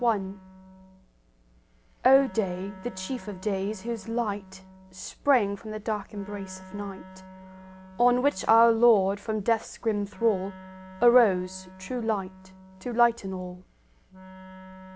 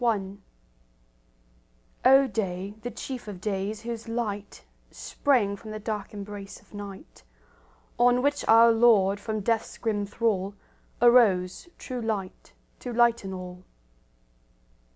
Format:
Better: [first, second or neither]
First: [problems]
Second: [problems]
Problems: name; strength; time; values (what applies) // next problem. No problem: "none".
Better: second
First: background sound (Wind instrument, woodwind instrument); 19 dB below the speech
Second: none